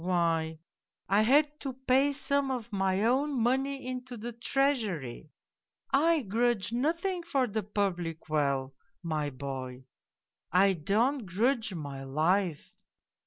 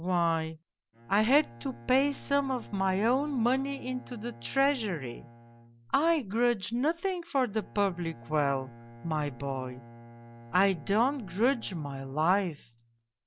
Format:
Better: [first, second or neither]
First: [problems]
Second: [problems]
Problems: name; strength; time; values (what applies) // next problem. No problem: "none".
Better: first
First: none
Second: background sound (Bowed string instrument); 20 dB below the speech